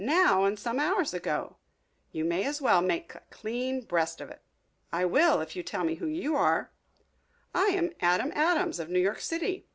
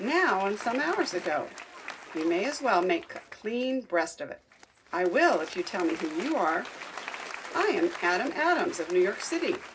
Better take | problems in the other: first | background sound (Applause); 14 dB below the speech // room echo; dies away in 0.4 s

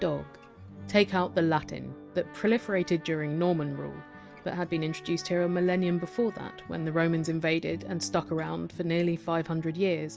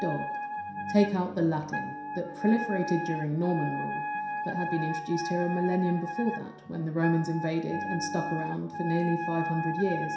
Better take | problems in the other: first | background sound (Wind instrument, woodwind instrument); 5 dB below the speech // room echo; dies away in 0.7 s

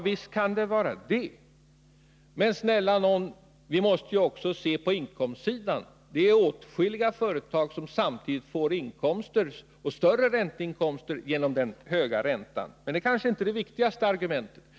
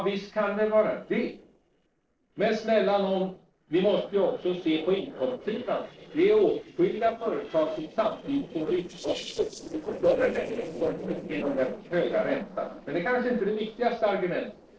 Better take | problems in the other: first | noise reduction (neural separator model SepFormer DNS4)

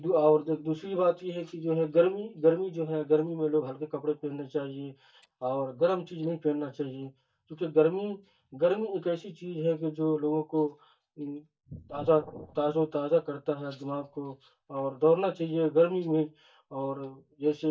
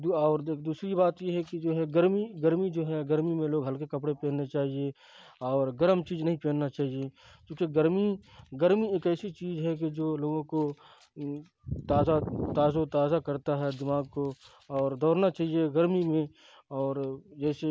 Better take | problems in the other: second | noise reduction (neural mask model DeepFilterNet 3)

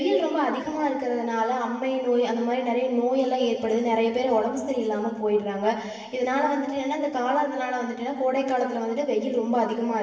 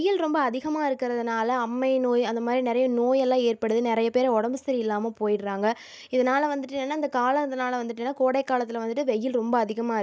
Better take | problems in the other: second | room echo; dies away in 1.3 s

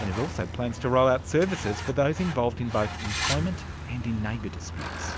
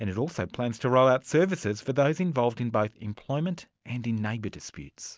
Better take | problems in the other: second | background sound (Truck); 6 dB below the speech

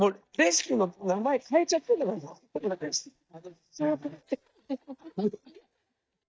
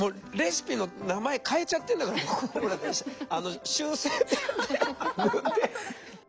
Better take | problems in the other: second | noise reduction (neural mask model DeepFilterNet 3)

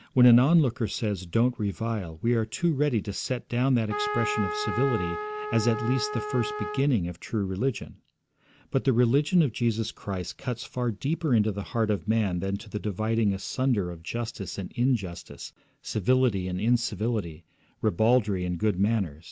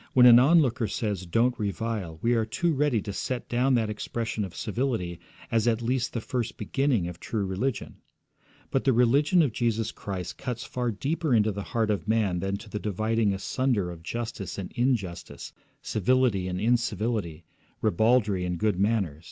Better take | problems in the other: second | background sound (Trumpet); 6 dB below the speech

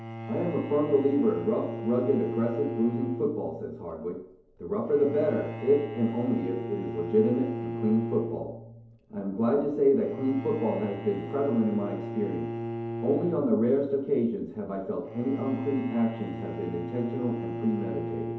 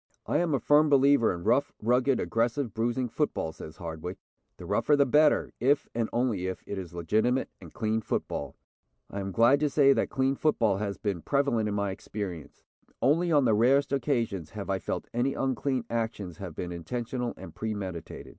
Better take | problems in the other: second | background sound (Bowed string instrument); 8 dB below the speech // room echo; dies away in 2.2 s

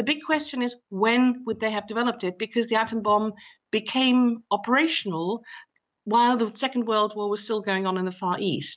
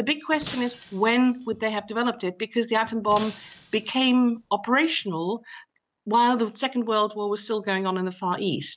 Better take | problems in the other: first | background sound (Shatter); 20 dB below the speech

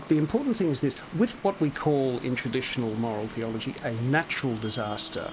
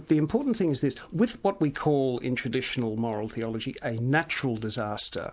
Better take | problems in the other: second | background sound (Traffic noise, roadway noise); 16 dB below the speech

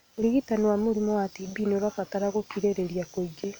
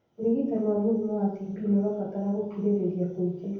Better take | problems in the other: first | room echo; dies away in 0.9 s

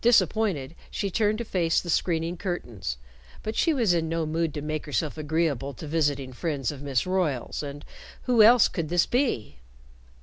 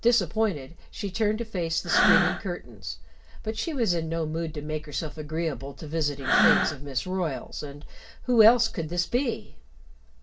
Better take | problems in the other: first | background sound (Breathing); 1 dB below the speech // room echo; dies away in 0.2 s

